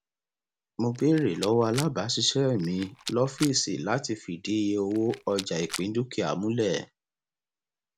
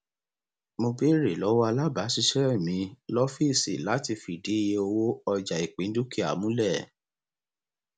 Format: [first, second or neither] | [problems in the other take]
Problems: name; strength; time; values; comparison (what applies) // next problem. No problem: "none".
second | background sound (Rattle); 13 dB below the speech